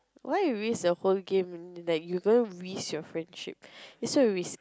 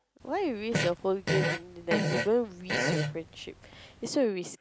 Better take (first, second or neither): first